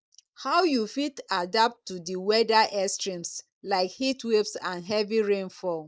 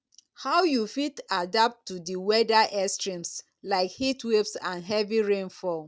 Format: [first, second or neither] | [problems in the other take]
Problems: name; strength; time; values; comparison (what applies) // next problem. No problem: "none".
second | noise reduction (neural mask model Resemble Enhance denoiser)